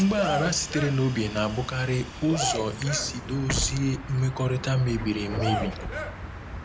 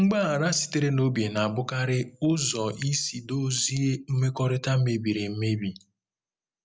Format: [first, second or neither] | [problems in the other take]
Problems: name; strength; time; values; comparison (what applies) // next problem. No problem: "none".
second | background sound (Bus + Cheering); 7 dB below the speech